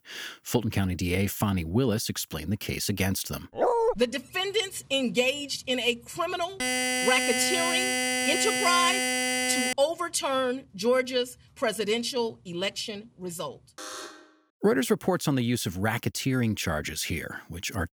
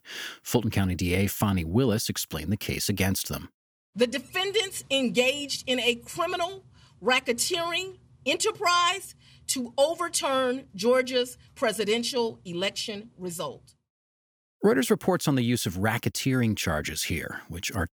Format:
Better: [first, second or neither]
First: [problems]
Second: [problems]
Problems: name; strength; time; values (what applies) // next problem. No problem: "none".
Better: second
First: dog barking; loud; at 3.5 s; peak 3 dB above the speech // alarm; loud; from 6.5 to 9.5 s; peak 3 dB above the speech // alarm; faint; at 14 s; peak 10 dB below the speech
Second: none